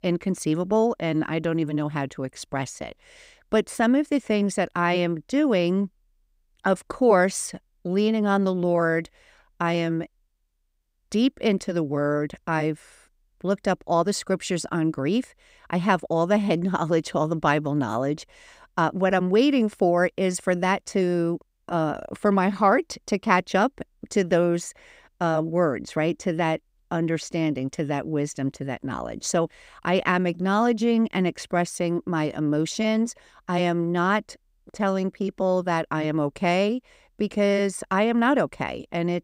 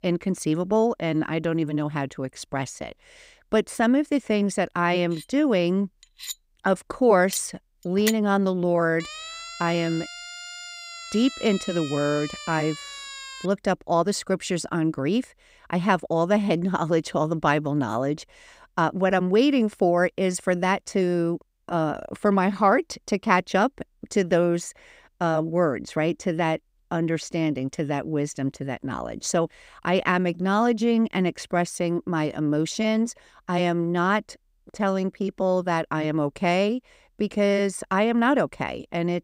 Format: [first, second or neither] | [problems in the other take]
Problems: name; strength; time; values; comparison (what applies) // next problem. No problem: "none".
first | clattering dishes; noticeable; from 5 to 8 s; peak 6 dB below the speech // siren; faint; from 9 to 13 s; peak 10 dB below the speech